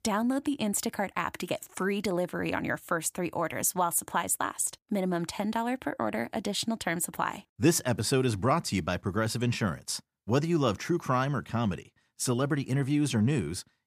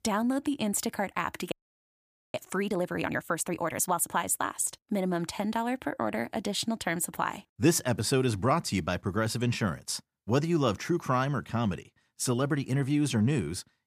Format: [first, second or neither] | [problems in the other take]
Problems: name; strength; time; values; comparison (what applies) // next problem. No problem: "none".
first | audio freezing; at 1.5 s for 1 s